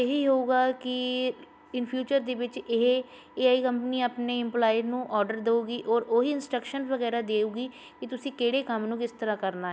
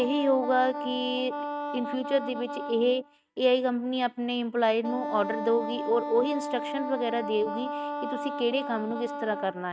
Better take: first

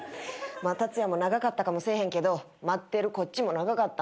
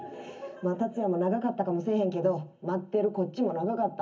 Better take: first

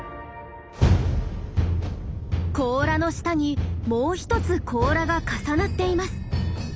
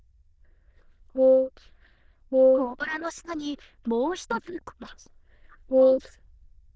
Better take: first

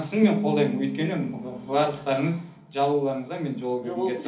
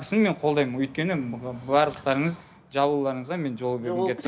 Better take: second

